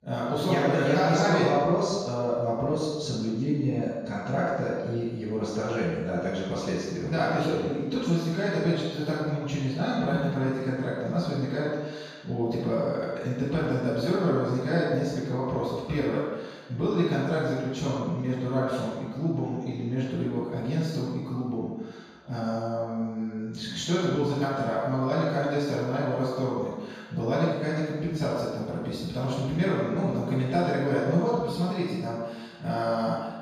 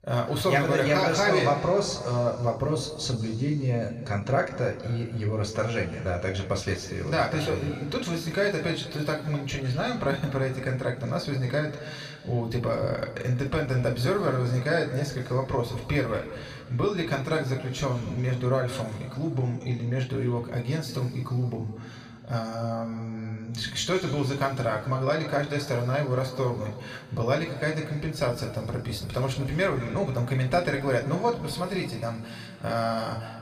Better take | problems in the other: second | room echo; strong; dies away in 1.2 s; slight in the second // off-mic speech; far; somewhat distant in the second

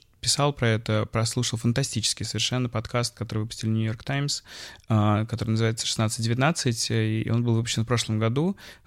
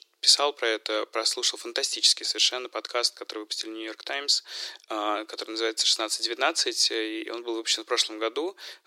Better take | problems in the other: first | thin; very; fading below 350 Hz

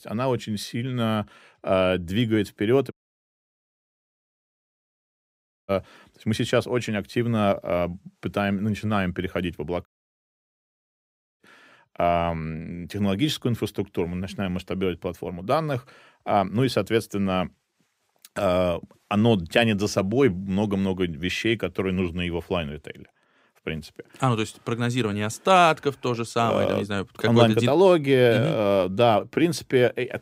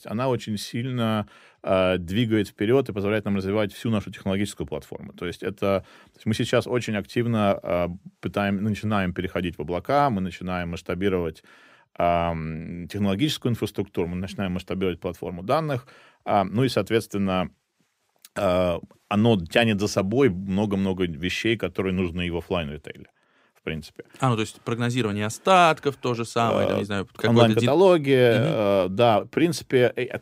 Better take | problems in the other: second | audio cutting out; at 3 s for 3 s and at 10 s for 1.5 s

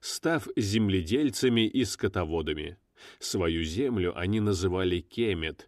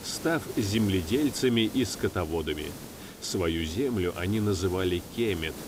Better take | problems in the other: first | hiss; noticeable; throughout; 15 dB below the speech

